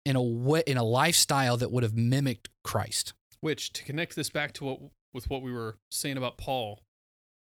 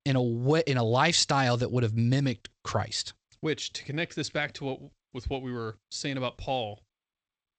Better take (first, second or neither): first